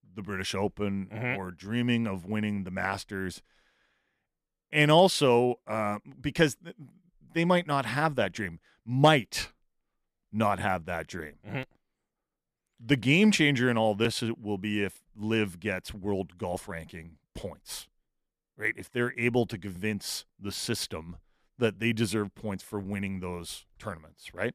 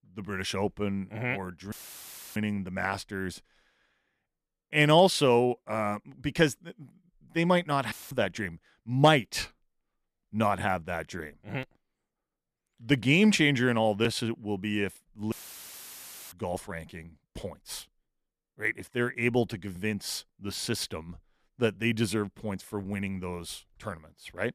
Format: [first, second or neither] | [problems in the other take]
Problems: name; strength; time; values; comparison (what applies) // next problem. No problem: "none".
first | audio cutting out; filled with static; at 1.5 s for 0.5 s, at 8 s and at 15 s for 1 s